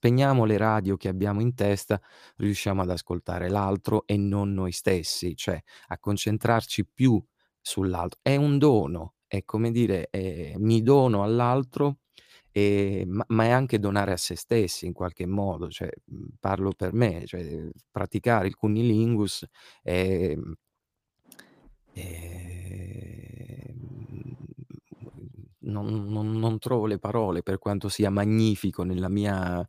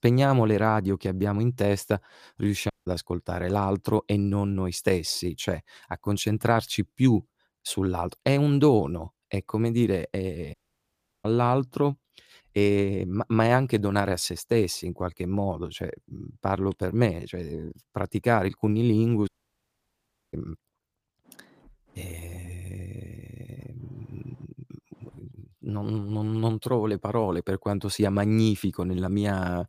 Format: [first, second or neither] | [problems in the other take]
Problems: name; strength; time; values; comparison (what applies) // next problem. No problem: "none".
first | audio cutting out; at 2.5 s, at 11 s for 0.5 s and at 19 s for 1 s